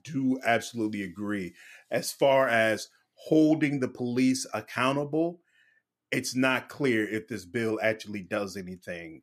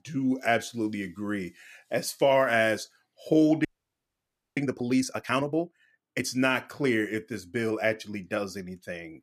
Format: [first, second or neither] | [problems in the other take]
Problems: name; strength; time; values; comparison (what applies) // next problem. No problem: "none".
first | audio freezing; at 3.5 s for 1 s